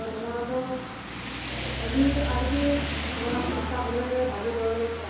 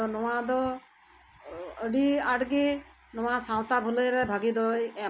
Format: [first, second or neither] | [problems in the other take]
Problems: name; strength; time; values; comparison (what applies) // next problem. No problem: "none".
second | background sound (Rain); 2 dB below the speech // room echo; dies away in 1 s